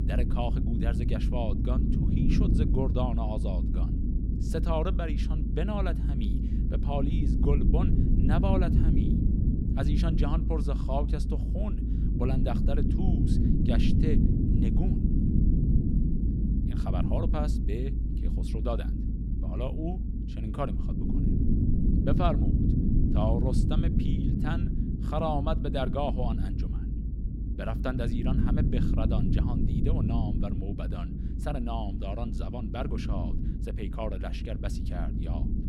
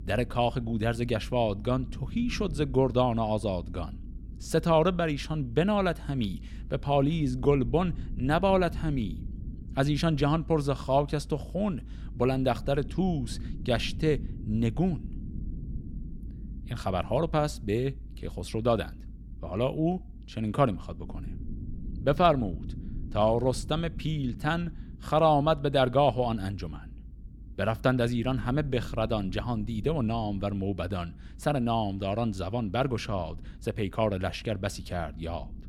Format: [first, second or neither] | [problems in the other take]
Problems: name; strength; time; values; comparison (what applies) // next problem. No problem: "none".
second | low rumble; loud; throughout; 2 dB below the speech; faint in the second